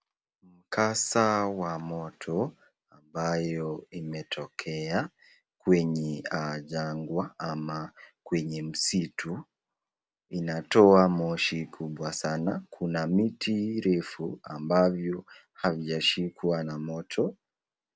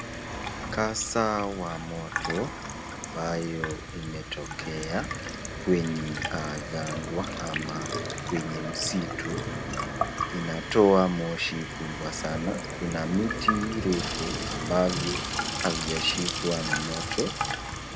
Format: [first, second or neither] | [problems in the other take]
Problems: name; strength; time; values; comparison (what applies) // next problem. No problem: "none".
first | background sound (Sink (filling or washing) / Water tap, faucet); 3 dB below the speech